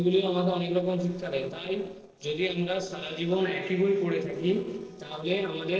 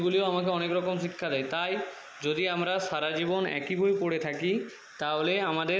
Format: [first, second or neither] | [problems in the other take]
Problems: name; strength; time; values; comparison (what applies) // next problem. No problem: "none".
second | noise reduction (neural separator model SepFormer DNS4)